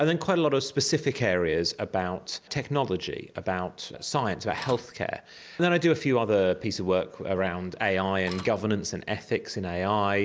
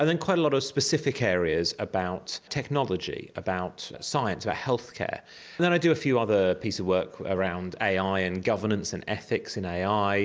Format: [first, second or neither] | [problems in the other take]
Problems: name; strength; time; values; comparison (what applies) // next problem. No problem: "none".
second | background sound (Printer); 13 dB below the speech